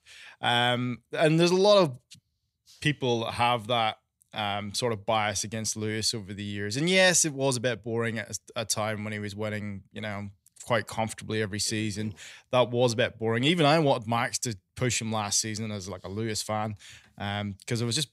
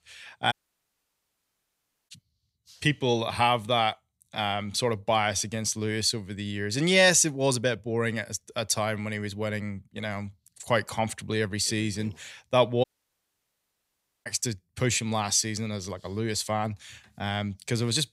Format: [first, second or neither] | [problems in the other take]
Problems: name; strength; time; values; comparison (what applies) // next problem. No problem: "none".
first | audio cutting out; at 0.5 s for 1.5 s and at 13 s for 1.5 s